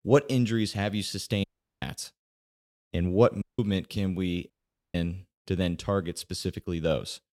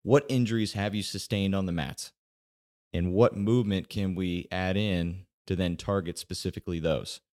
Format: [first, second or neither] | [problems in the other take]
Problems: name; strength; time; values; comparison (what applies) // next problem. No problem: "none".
second | audio cutting out; at 1.5 s, at 3.5 s and at 4.5 s